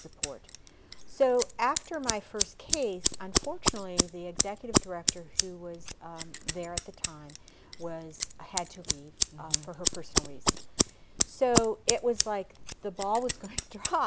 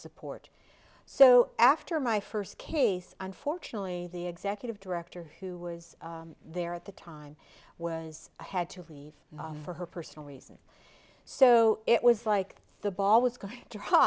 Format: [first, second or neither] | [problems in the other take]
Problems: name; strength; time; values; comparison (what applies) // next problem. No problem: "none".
second | background sound (Scissors); 2 dB above the speech